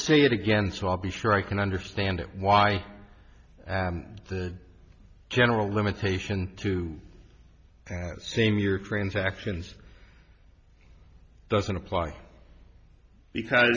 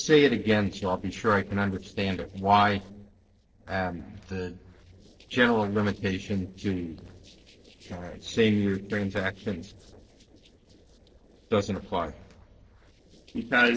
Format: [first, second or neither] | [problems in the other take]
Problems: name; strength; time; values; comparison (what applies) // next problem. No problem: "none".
first | noise reduction (neural separator model SepFormer DNS4)